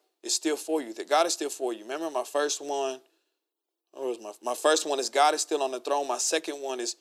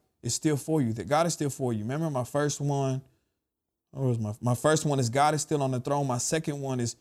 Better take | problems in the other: second | thin; very; fading below 350 Hz

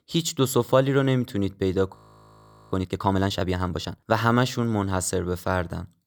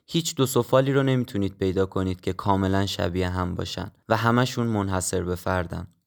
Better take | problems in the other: second | audio freezing; at 2 s for 1 s

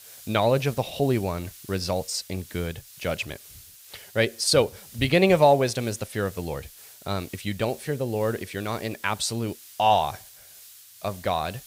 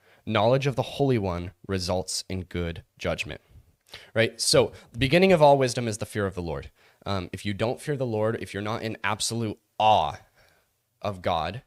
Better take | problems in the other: second | hiss; noticeable; throughout; 20 dB below the speech

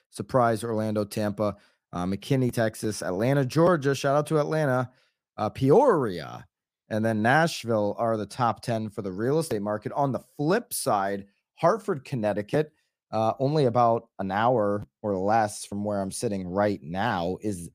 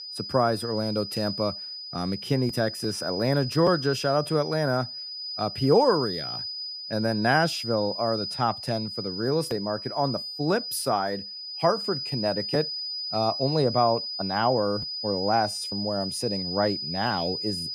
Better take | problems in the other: first | high-pitched whine; loud; throughout; 5 kHz, 5 dB below the speech

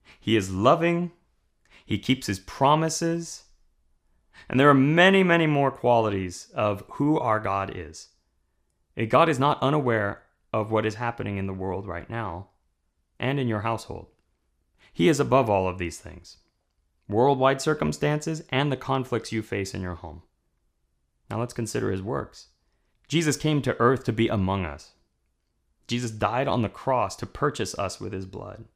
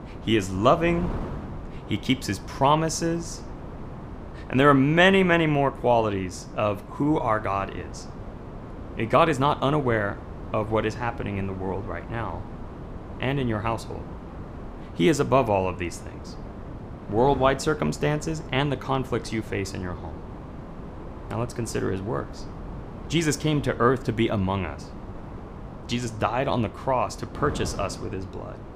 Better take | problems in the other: first | wind noise on the microphone; occasional gusts; 20 dB below the speech

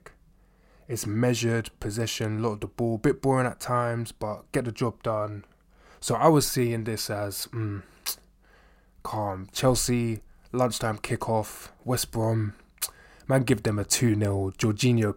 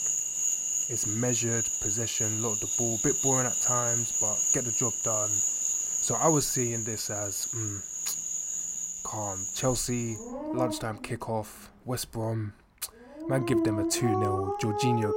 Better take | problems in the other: first | animal sounds; very loud; throughout; 5 dB above the speech

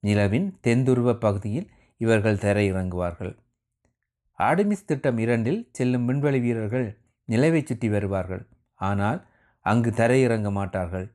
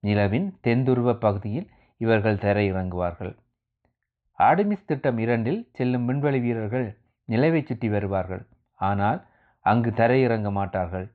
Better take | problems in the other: first | muffled; very slightly; fading above 4 kHz

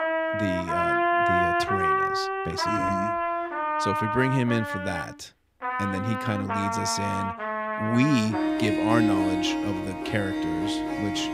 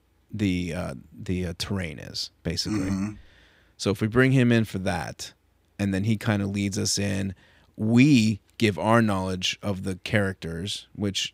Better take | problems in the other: second | background music; very loud; throughout; 3 dB above the speech

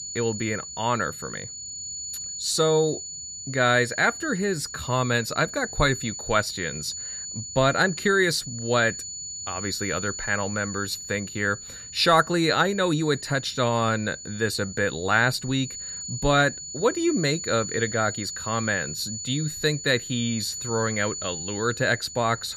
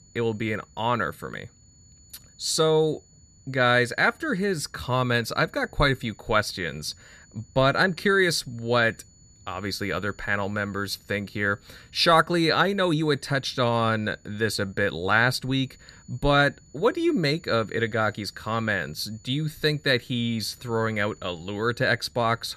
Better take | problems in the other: second | high-pitched whine; loud; throughout; 7 kHz, 9 dB below the speech; faint in the second

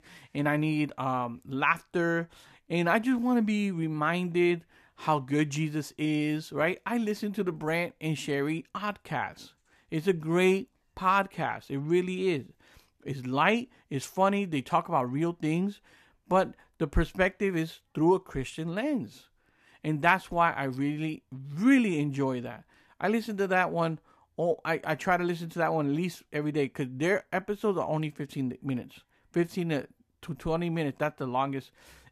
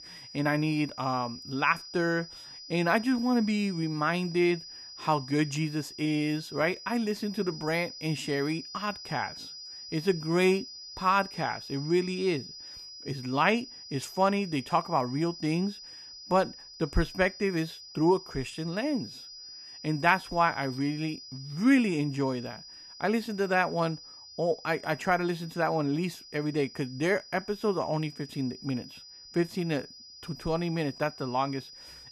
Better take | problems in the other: first | high-pitched whine; noticeable; throughout; 5 kHz, 15 dB below the speech

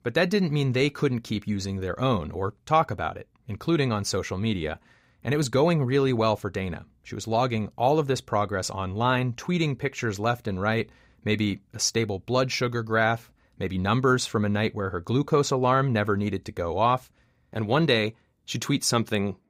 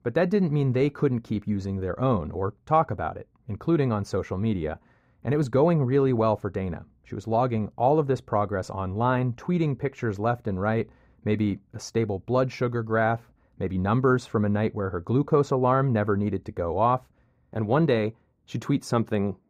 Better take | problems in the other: first | muffled; slightly; fading above 2 kHz

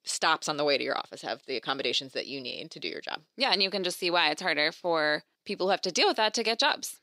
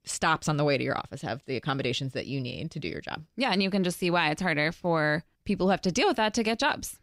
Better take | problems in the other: second | thin; somewhat; fading below 400 Hz

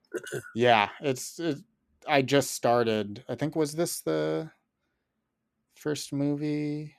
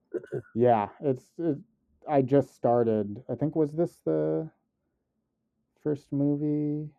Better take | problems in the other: first | muffled; very; fading above 1.5 kHz

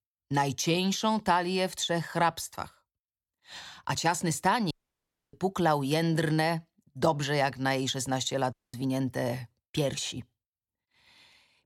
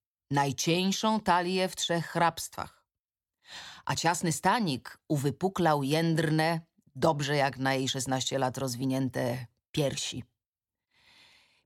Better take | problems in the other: second | audio cutting out; at 4.5 s for 0.5 s and at 8.5 s

